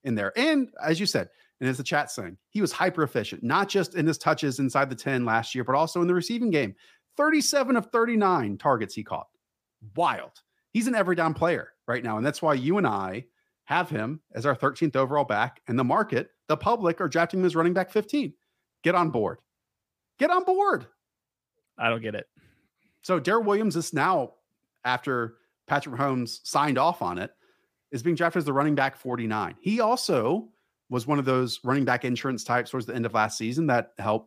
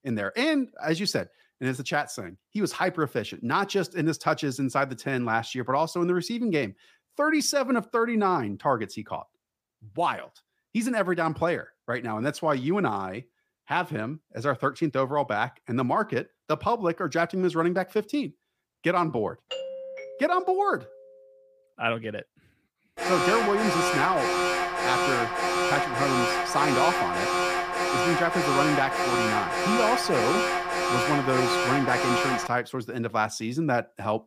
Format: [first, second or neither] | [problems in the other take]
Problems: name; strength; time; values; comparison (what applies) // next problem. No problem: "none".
first | doorbell; noticeable; from 20 to 21 s; peak 7 dB below the speech // alarm; loud; from 23 to 32 s; peak 3 dB above the speech